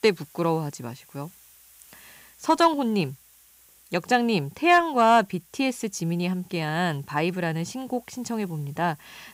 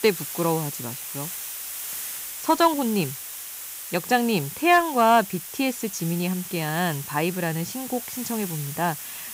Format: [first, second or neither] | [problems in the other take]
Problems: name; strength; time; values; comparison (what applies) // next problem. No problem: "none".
first | hiss; loud; throughout; 8 dB below the speech; faint in the first